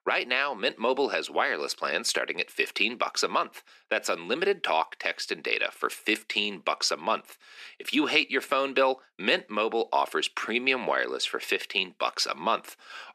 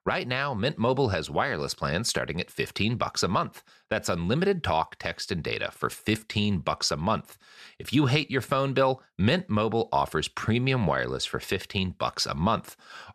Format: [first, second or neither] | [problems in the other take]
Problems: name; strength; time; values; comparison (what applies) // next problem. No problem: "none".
second | thin; somewhat; fading below 250 Hz